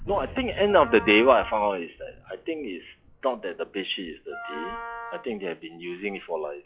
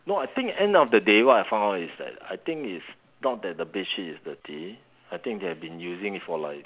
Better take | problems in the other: second | noise reduction (classical method log-MMSE)

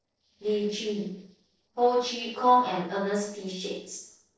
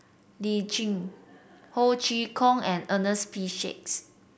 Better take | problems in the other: second | noise reduction (neural separator model SepFormer DNS4)

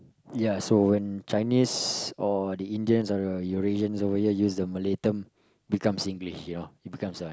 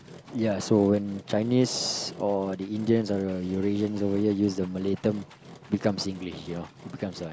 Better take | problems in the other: first | background sound (Engine); 20 dB below the speech

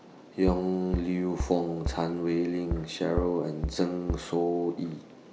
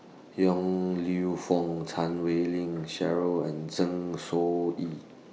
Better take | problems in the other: second | background sound (Bass drum); 6 dB below the speech

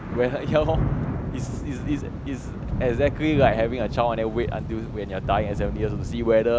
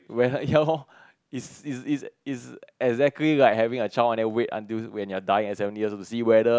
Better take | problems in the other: second | background sound (Thunder / Rain); 4 dB below the speech

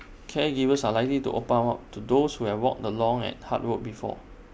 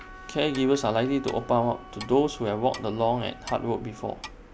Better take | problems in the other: first | background sound (Wind instrument, woodwind instrument + Clock); 18 dB below the speech

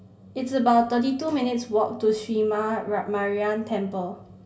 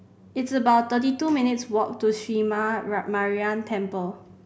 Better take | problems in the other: second | room echo; dies away in 0.2 s

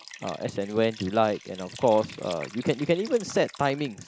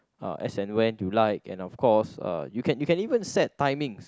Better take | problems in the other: second | background sound (Liquid); 19 dB below the speech

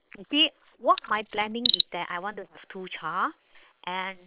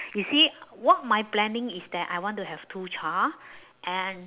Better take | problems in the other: second | noise reduction (neural separator model SepFormer WHAM!)

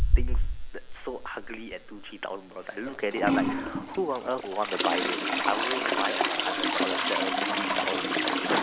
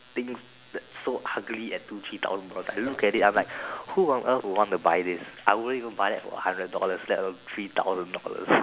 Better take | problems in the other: second | background sound (Trickle, dribble / Toilet flush); 5 dB above the speech

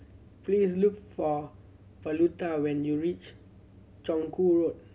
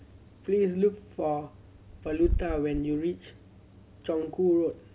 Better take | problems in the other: first | background sound (Wind / Bird); 9 dB below the speech

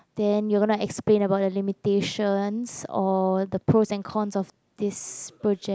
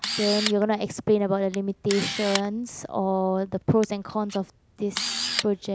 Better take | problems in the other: first | background sound (Camera); 8 dB below the speech

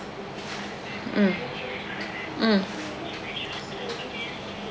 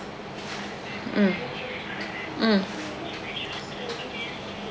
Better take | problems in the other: second | background sound (Brass instrument); 18 dB below the speech

